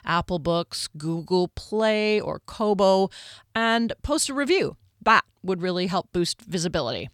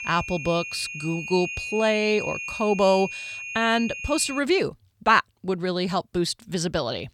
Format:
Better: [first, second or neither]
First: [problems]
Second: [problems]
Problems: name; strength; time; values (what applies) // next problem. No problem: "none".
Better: first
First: none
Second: high-pitched whine; loud; until 4.5 s; 2.5 kHz, 7 dB below the speech